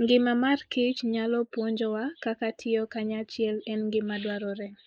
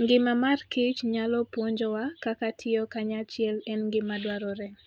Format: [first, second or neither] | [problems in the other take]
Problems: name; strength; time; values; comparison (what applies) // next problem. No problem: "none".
second | noise reduction (neural mask model Resemble Enhance denoiser)